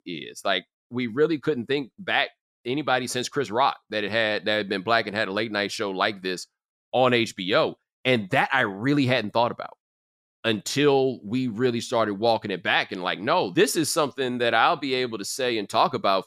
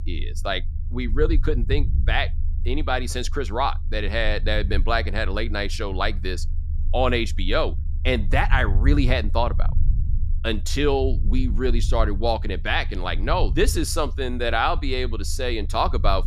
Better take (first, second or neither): first